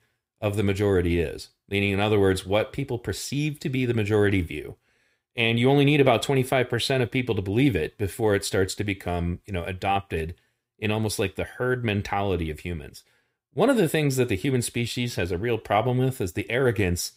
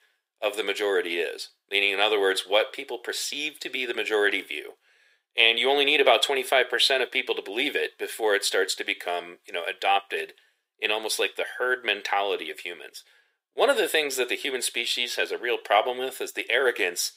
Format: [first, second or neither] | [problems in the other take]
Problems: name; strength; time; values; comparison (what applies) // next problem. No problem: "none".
first | thin; very; fading below 450 Hz